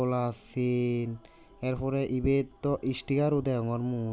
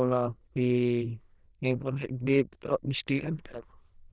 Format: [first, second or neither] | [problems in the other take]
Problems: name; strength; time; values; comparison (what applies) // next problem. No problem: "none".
first | noise reduction (neural diffusion model UNIVERSE++)